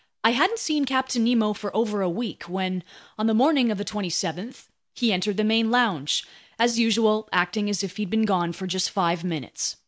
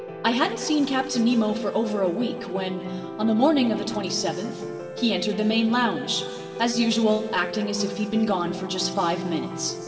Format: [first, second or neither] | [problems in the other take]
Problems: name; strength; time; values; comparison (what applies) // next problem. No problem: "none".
first | background sound (Piano); 9 dB below the speech // room echo; dies away in 2.2 s